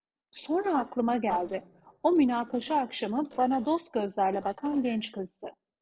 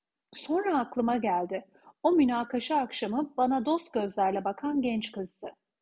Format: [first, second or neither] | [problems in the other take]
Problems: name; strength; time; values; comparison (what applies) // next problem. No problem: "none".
second | noise reduction (neural separator model SepFormer DNS4)